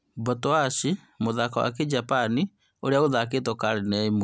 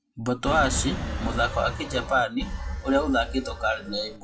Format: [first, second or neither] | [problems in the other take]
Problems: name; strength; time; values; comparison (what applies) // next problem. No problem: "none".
first | noise reduction (classical method WPE with log-MMSE)